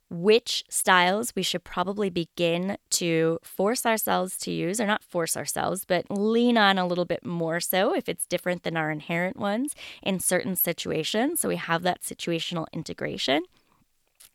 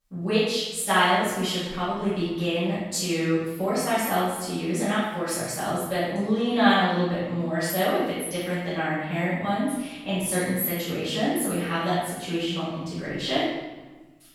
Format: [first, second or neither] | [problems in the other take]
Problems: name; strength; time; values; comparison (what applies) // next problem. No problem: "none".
first | room echo; strong; dies away in 1 s // off-mic speech; far